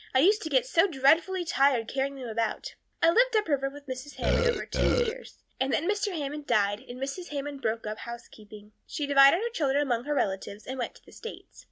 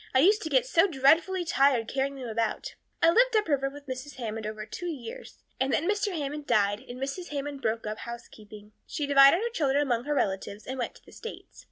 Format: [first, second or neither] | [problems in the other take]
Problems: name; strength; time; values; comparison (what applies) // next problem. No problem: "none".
second | background sound (Burping, eructation); 3 dB above the speech